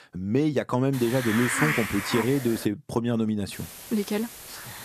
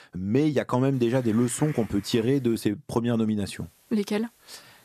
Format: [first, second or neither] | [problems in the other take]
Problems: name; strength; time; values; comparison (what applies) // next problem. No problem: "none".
second | hiss; loud; from 1 to 2.5 s and from 3.5 s on; 5 dB below the speech; faint in the second